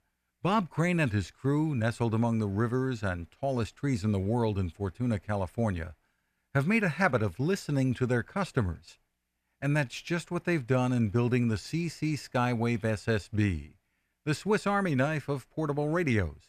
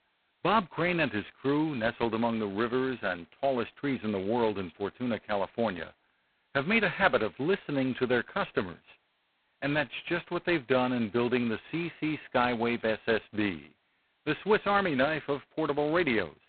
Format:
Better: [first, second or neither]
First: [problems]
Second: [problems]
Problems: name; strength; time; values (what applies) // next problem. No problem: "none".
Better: first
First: none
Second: phone-call audio; poor line; nothing above 4 kHz